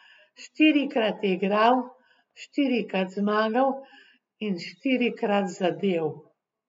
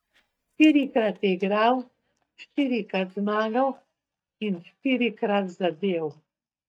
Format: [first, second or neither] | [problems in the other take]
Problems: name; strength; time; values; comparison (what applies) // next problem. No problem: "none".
first | noise reduction (neural mask model DeepFilterNet 3)